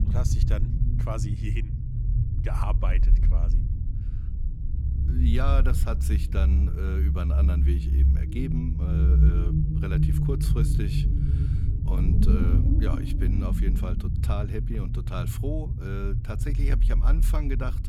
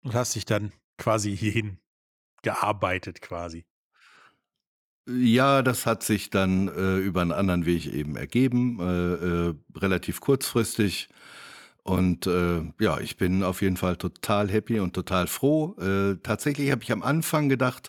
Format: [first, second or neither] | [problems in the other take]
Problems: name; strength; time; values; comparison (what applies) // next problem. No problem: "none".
second | low rumble; loud; throughout; 2 dB below the speech